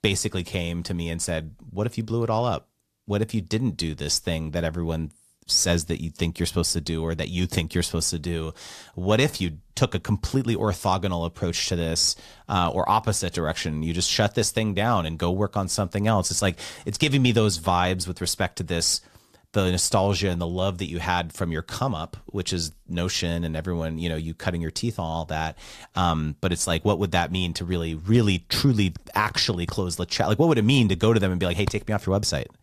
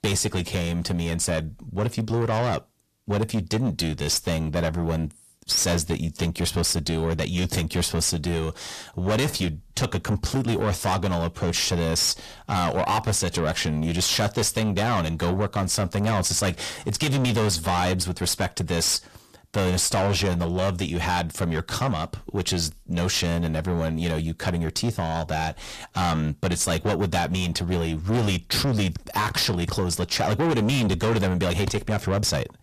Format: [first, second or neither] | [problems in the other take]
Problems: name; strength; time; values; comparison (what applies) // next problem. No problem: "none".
first | distortion; heavy; 6 dB below the speech